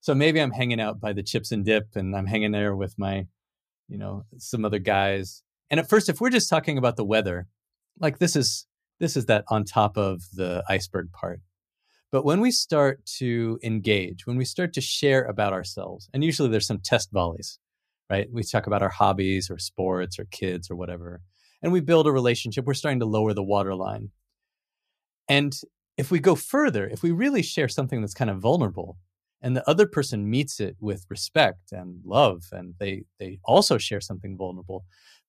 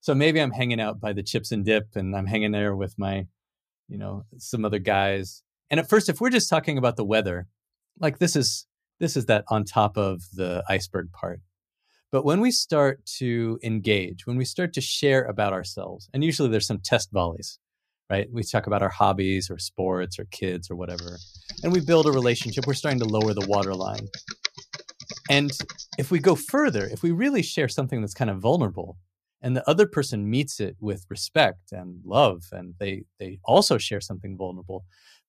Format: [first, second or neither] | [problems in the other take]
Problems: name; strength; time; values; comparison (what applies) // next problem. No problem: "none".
first | keyboard typing; noticeable; from 21 to 27 s; peak 7 dB below the speech